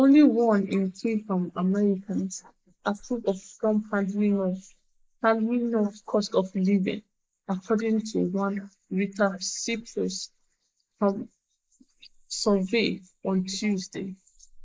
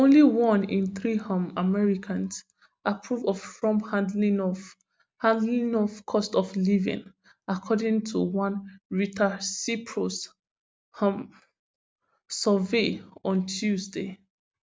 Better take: second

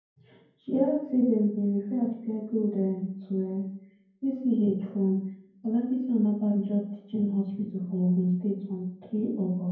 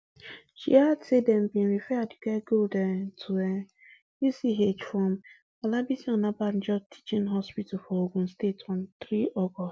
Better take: second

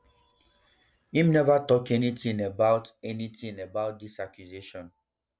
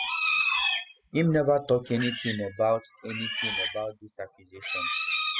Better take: first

